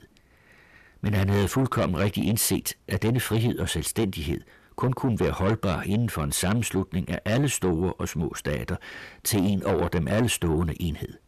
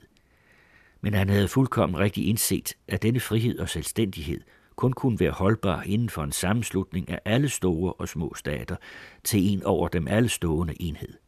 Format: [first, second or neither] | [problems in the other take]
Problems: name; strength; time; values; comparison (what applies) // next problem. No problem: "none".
second | distortion; slight; 10 dB below the speech